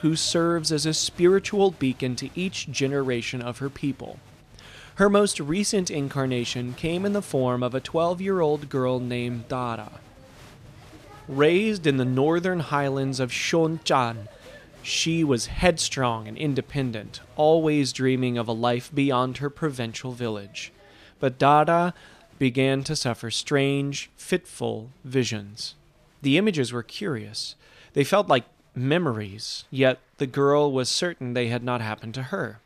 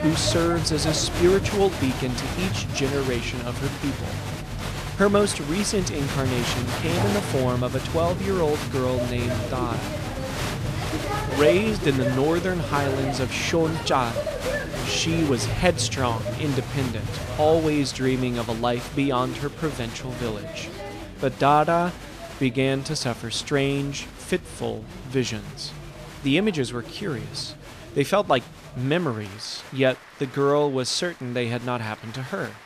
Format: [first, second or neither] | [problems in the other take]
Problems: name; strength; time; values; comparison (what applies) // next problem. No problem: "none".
first | crowd noise; loud; throughout; 5 dB below the speech; faint in the first